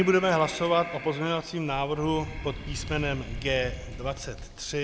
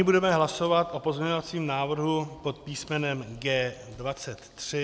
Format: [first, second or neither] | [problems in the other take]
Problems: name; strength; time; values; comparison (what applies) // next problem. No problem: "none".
second | background sound (Breathing); 10 dB below the speech